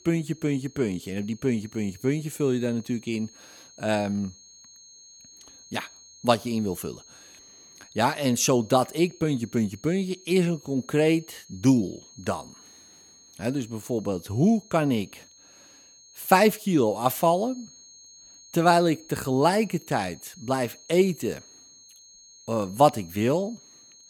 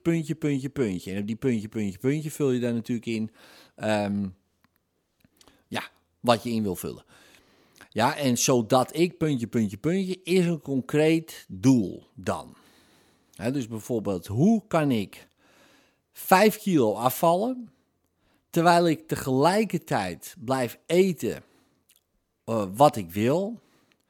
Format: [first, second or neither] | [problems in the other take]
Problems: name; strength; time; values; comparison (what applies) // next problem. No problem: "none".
second | high-pitched whine; faint; throughout; 6.5 kHz, 25 dB below the speech